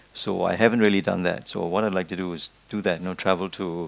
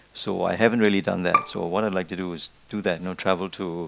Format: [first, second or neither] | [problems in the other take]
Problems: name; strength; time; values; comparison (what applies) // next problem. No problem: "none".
first | background sound (Bowed string instrument); 6 dB below the speech